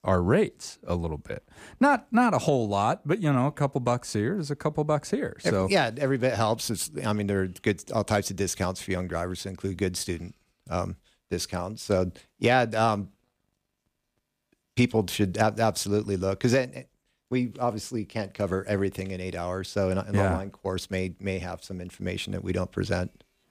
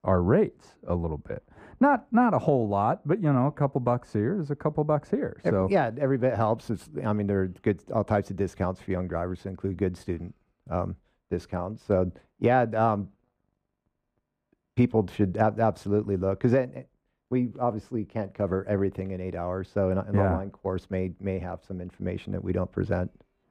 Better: first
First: none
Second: muffled; very; fading above 2.5 kHz

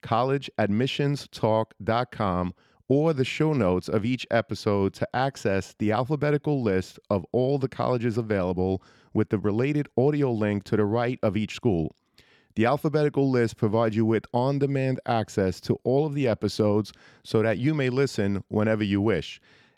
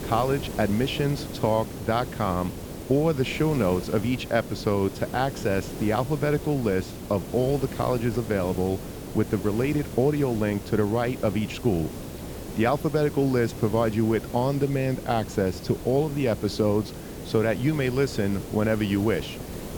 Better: first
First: none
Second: hiss; noticeable; throughout; 10 dB below the speech

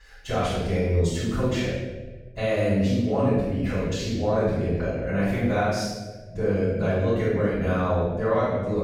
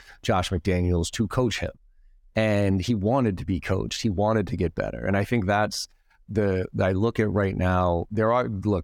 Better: second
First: room echo; strong; dies away in 1.1 s // off-mic speech; far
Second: none

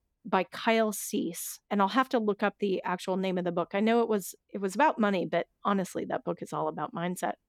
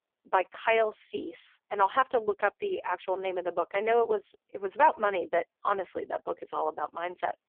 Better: first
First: none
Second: phone-call audio; poor line

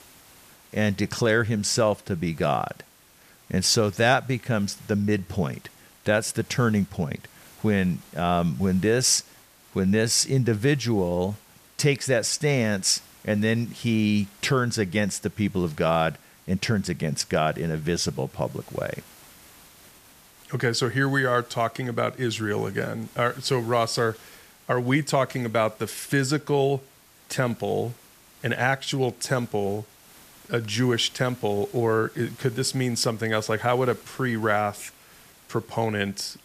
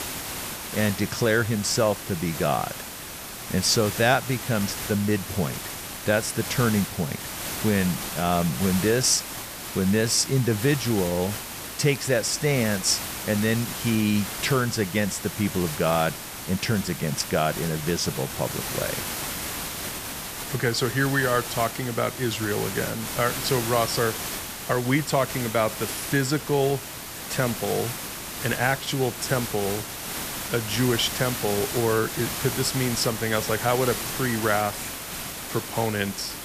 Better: first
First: hiss; faint; throughout; 25 dB below the speech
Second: hiss; loud; throughout; 6 dB below the speech

